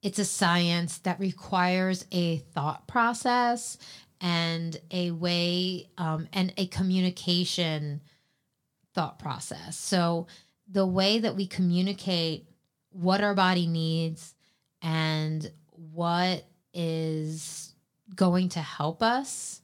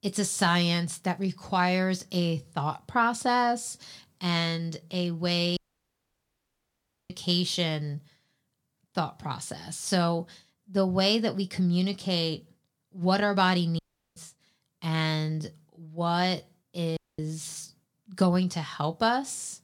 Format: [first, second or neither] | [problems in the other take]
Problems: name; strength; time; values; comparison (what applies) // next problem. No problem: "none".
first | audio cutting out; at 5.5 s for 1.5 s, at 14 s and at 17 s